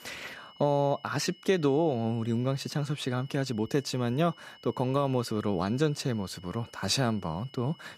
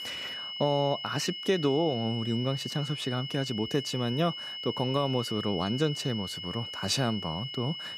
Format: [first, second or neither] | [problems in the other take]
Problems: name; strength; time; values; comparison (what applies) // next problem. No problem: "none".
first | high-pitched whine; loud; throughout; 3 kHz, 6 dB below the speech; faint in the first